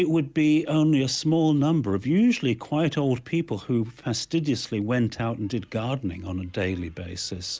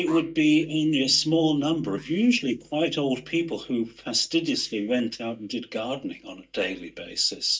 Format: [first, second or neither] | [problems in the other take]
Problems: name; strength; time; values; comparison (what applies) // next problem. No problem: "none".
first | noise reduction (neural mask model DeepFilterNet 3)